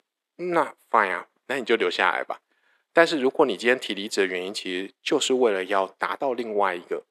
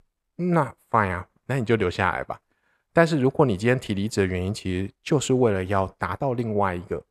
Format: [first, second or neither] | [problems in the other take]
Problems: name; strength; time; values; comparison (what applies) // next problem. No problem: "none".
second | thin; somewhat; fading below 300 Hz